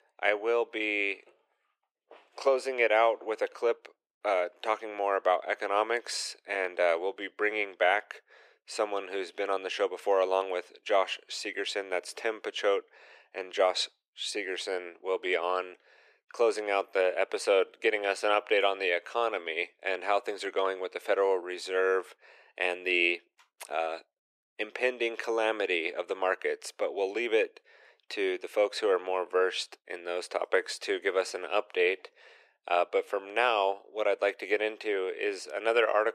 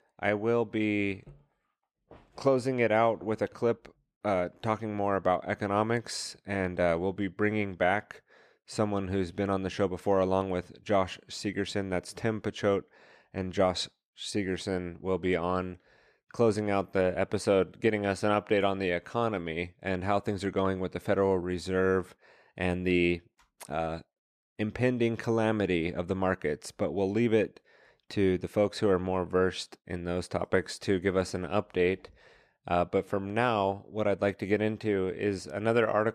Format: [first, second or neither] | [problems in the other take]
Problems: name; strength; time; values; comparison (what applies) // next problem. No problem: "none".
second | thin; very; fading below 400 Hz